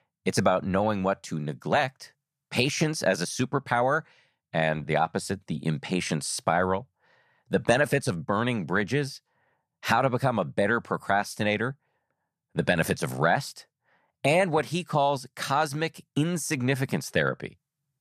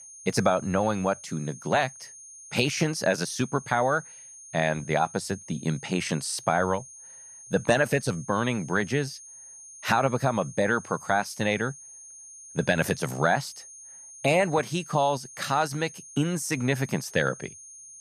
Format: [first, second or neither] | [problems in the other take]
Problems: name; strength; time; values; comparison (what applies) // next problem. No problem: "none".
first | high-pitched whine; noticeable; throughout; 6.5 kHz, 15 dB below the speech